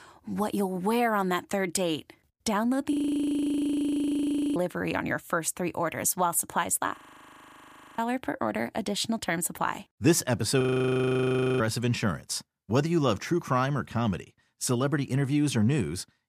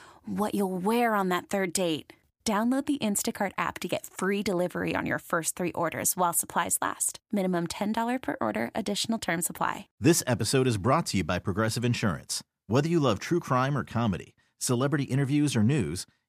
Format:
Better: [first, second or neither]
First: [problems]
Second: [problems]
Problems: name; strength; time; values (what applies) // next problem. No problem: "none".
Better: second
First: audio freezing; at 3 s for 1.5 s, at 7 s for 1 s and at 11 s for 1 s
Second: none